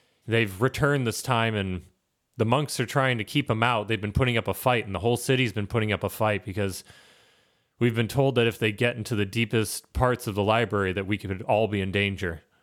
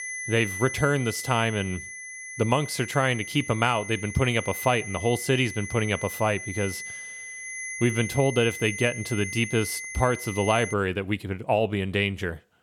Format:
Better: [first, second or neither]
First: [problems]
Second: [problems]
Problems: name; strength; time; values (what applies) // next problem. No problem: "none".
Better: first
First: none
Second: high-pitched whine; loud; until 11 s; 2 kHz, 9 dB below the speech